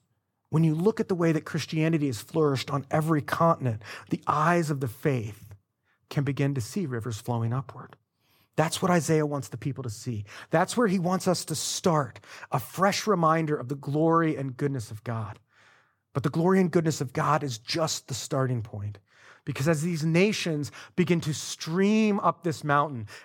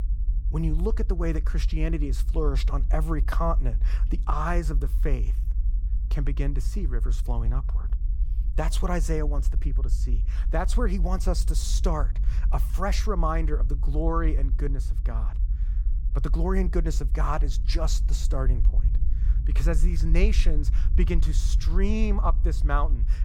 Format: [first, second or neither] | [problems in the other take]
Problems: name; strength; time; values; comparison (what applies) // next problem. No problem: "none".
first | low rumble; noticeable; throughout; 15 dB below the speech